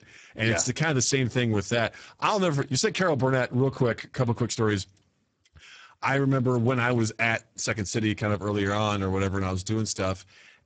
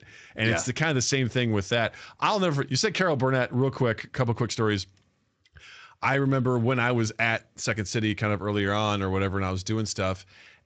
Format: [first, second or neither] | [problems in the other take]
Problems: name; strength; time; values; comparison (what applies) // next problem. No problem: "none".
second | garbled, watery; badly; nothing above 7.5 kHz; slightly in the second